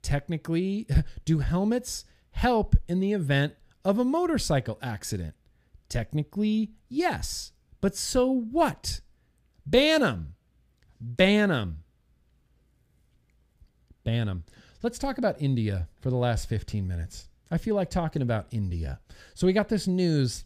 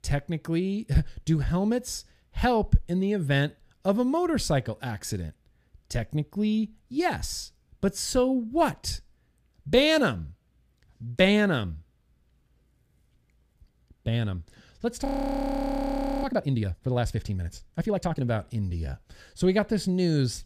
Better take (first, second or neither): first